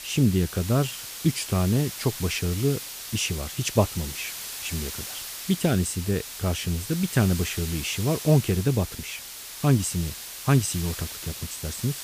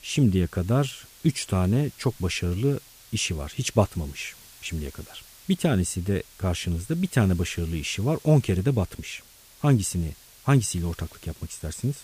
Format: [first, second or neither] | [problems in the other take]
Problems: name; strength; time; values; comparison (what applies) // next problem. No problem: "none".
second | hiss; loud; throughout; 8 dB below the speech; faint in the second